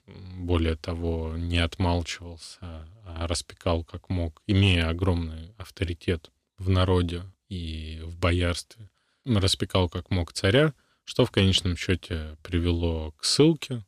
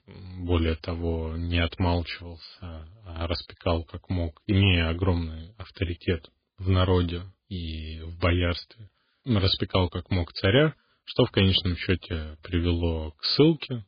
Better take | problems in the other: first | garbled, watery; badly; nothing above 4.5 kHz

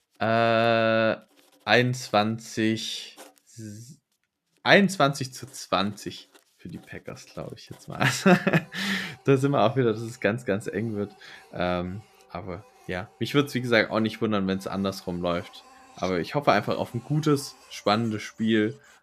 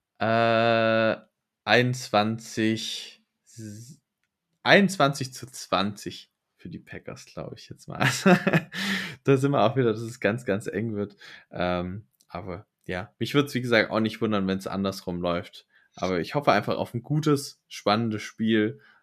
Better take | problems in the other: second | household noises; faint; throughout; 30 dB below the speech

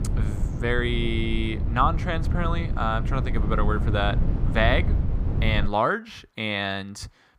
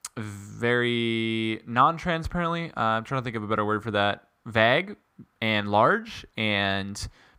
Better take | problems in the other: second | wind noise on the microphone; occasional gusts; until 5.5 s; 15 dB below the speech

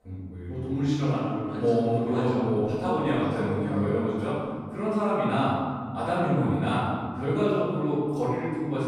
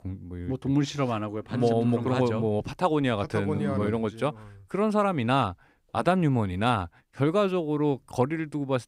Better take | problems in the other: second | off-mic speech; far // room echo; strong; dies away in 1.7 s

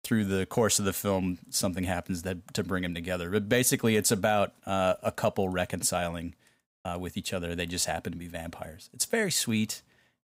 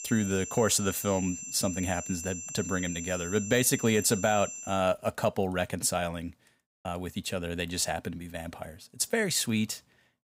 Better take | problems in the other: first | high-pitched whine; loud; until 4.5 s; 7.5 kHz, 8 dB below the speech

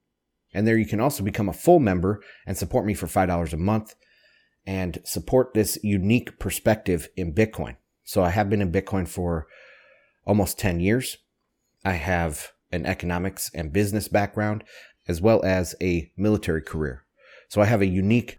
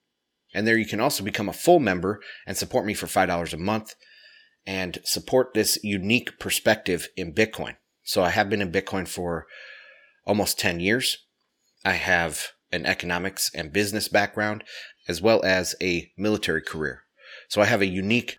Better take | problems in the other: first | thin; very slightly; fading below 600 Hz

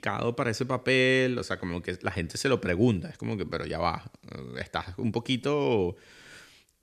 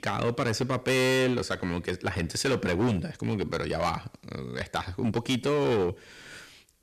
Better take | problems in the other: first | distortion; heavy; 12% of the sound clipped

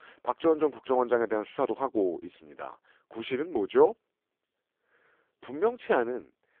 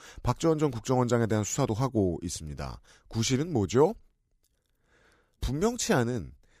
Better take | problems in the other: second | phone-call audio; poor line; nothing above 3.5 kHz

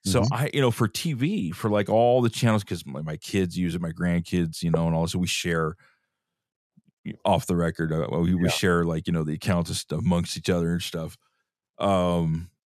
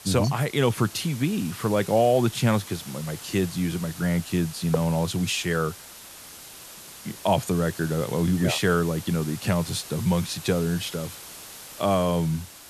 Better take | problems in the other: first | hiss; noticeable; throughout; 15 dB below the speech

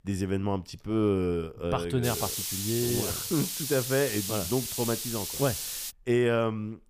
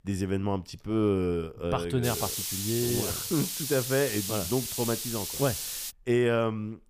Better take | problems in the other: neither | hiss; loud; from 2 to 6 s; 3 dB below the speech; the same in both

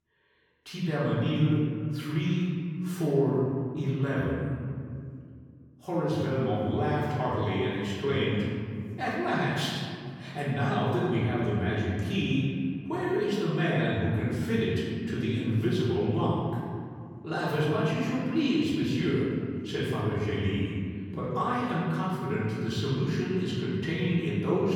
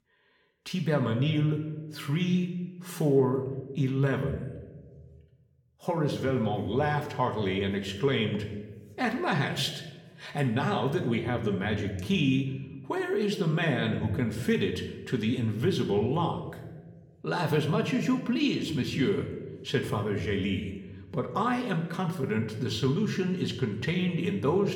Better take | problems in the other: second | room echo; strong; dies away in 2.2 s; slight in the second // off-mic speech; far

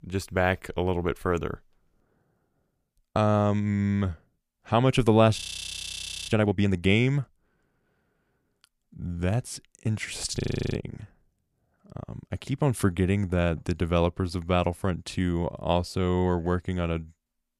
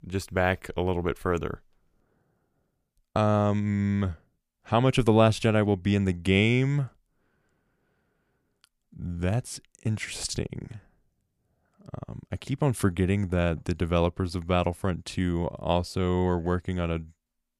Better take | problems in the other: second | audio freezing; at 5.5 s for 1 s and at 10 s

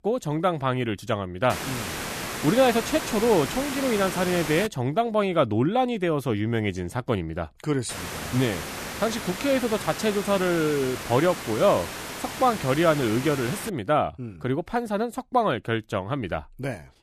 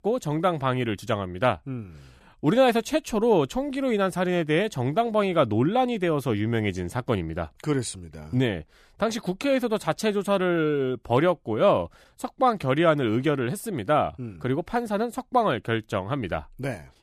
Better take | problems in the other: second | hiss; loud; from 1.5 to 4.5 s and from 8 to 14 s; 7 dB below the speech

